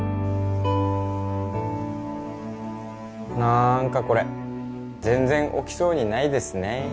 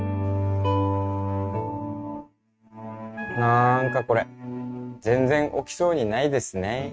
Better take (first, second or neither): first